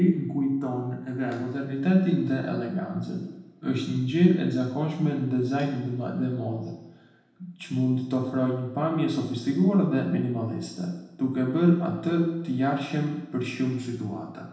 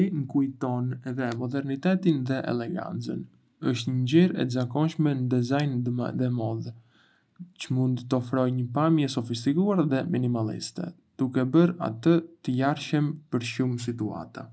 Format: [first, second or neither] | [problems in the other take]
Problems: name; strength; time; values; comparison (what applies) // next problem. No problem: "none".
second | room echo; dies away in 0.9 s